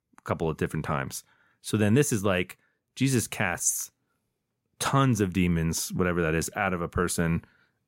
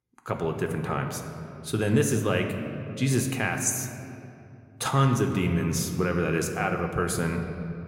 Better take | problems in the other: first | room echo; slight; dies away in 2.3 s

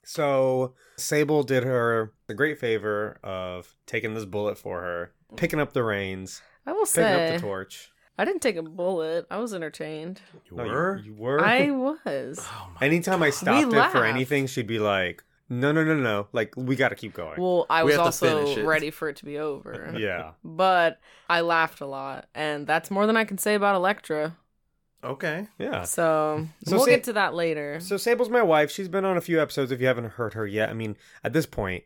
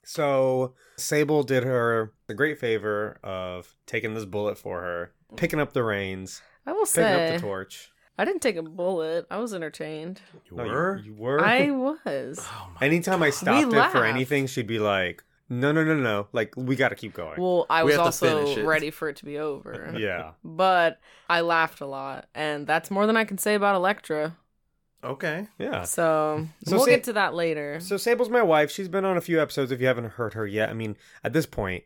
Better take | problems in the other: neither | none

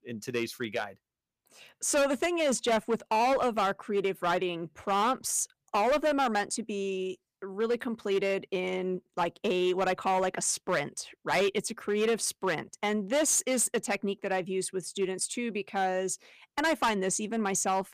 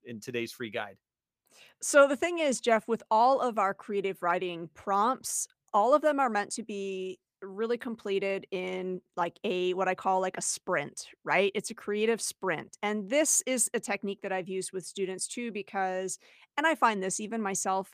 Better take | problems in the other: second | distortion; heavy; 8% of the sound clipped

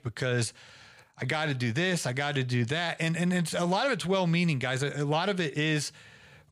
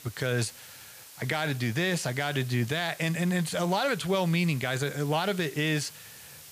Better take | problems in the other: first | hiss; noticeable; throughout; 20 dB below the speech

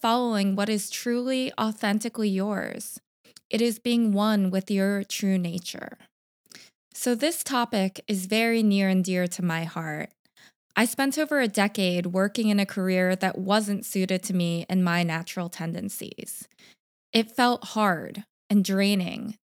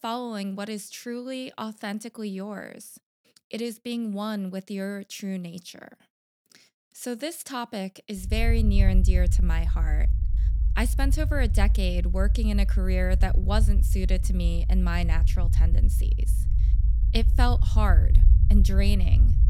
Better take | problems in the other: first | low rumble; noticeable; from 8.5 s on; 10 dB below the speech

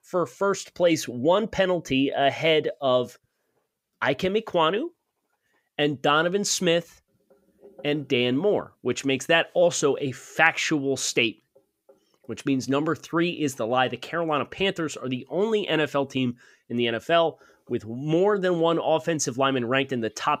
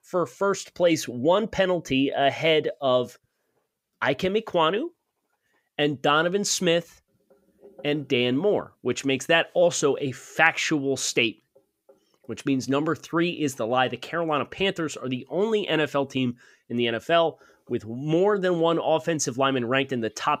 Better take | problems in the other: neither | none

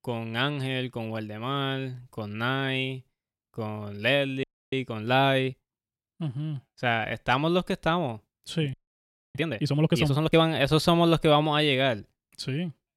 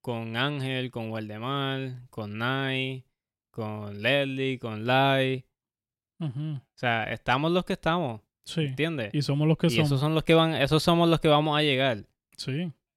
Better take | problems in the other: second | audio freezing; at 4.5 s and at 8.5 s for 0.5 s

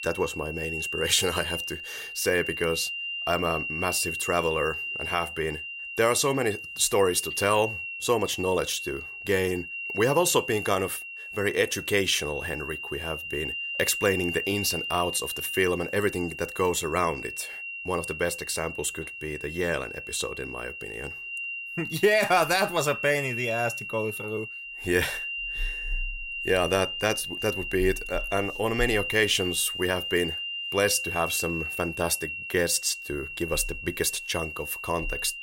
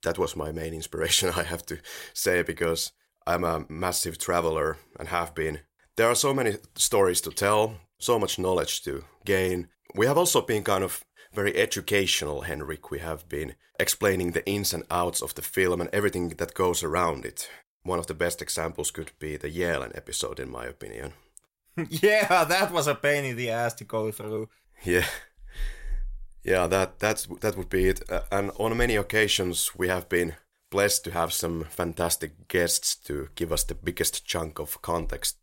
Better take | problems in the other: second | high-pitched whine; loud; throughout; 3 kHz, 6 dB below the speech

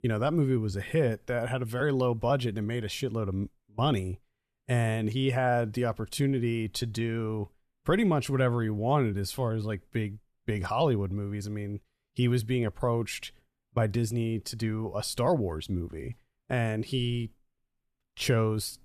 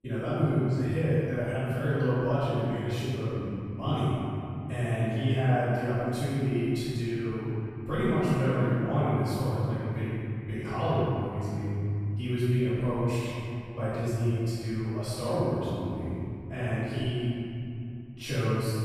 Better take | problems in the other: first | off-mic speech; far // room echo; strong; dies away in 2.8 s

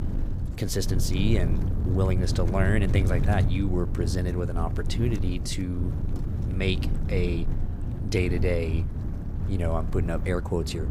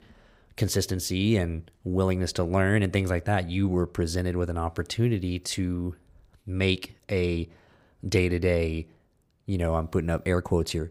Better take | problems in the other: second | wind noise on the microphone; heavy; 9 dB below the speech

